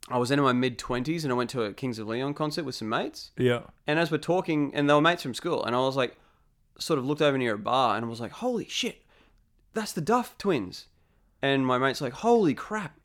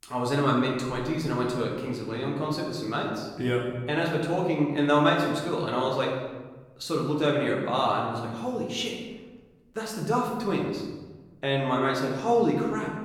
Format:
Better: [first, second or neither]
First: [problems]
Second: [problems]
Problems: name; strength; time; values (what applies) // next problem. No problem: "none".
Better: first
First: none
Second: room echo; noticeable; dies away in 1.2 s // off-mic speech; far